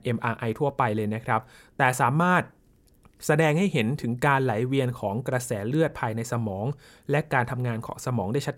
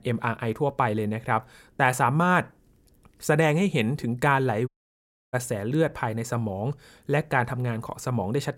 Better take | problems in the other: first | audio cutting out; at 4.5 s for 0.5 s

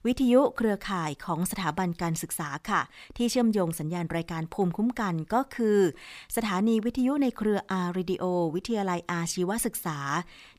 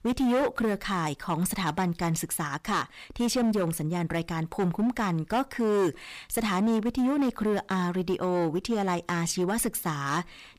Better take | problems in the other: first | distortion; slight; 12% of the sound clipped

